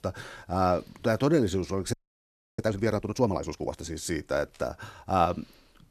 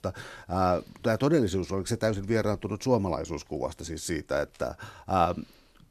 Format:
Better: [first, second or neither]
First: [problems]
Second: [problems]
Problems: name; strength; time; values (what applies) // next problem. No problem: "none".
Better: second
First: audio freezing; at 2 s for 0.5 s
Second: none